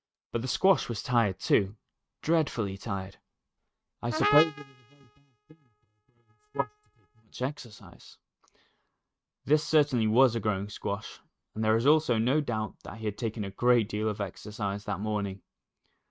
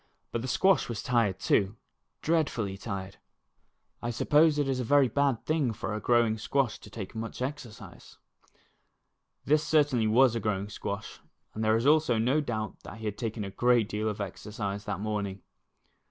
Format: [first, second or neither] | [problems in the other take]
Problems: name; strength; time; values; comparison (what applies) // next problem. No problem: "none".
second | noise reduction (neural mask model RNNoise)